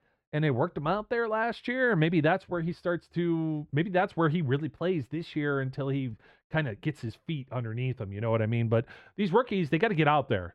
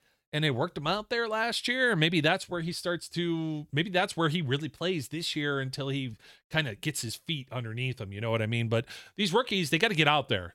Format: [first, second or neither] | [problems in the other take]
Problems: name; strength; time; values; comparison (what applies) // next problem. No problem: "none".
second | muffled; very; fading above 3.5 kHz